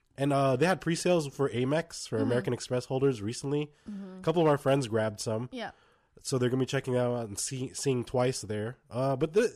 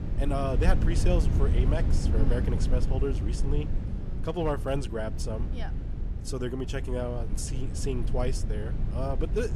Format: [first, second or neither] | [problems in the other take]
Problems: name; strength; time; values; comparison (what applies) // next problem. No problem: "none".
first | low rumble; loud; throughout; 8 dB below the speech